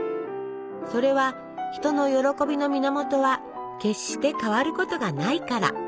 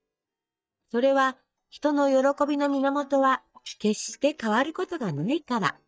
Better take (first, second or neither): first